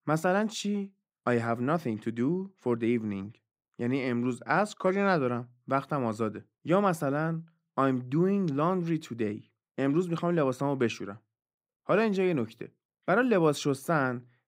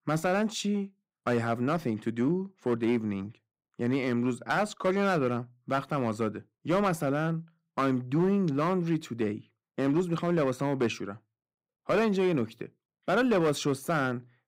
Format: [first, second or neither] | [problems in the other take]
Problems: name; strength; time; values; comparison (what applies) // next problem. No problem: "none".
first | distortion; slight; 4% of the sound clipped